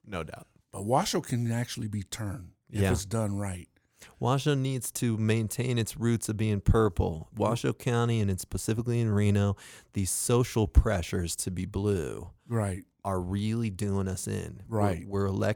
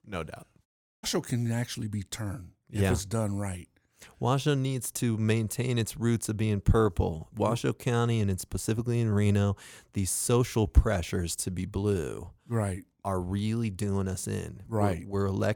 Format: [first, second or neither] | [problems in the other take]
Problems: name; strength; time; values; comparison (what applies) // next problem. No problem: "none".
first | audio cutting out; at 0.5 s